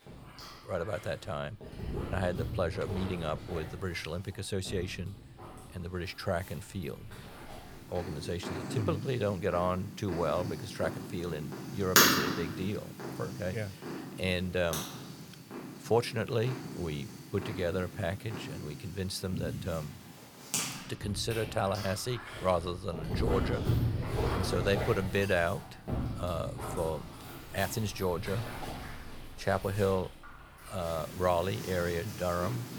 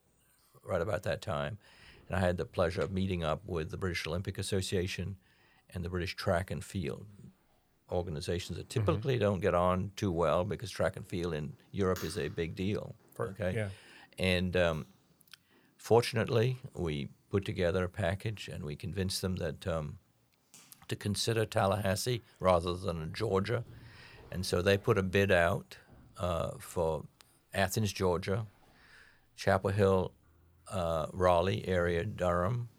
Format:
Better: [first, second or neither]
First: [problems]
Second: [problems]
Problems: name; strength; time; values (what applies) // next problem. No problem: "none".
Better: second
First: animal sounds; loud; throughout; 2 dB below the speech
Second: animal sounds; faint; throughout; 30 dB below the speech